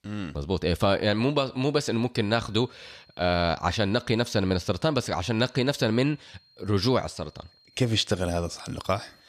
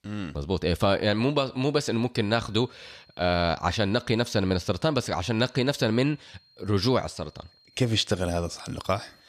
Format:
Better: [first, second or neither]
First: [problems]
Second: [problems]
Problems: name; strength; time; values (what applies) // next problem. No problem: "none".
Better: neither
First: high-pitched whine; faint; from 2.5 s on; 4 kHz, 30 dB below the speech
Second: high-pitched whine; faint; from 2.5 s on; 4 kHz, 30 dB below the speech